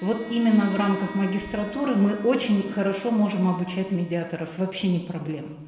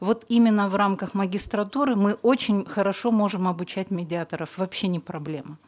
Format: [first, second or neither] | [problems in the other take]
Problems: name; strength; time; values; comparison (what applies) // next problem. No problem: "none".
second | background sound (Bowed string instrument); 19 dB below the speech // room echo; dies away in 1.1 s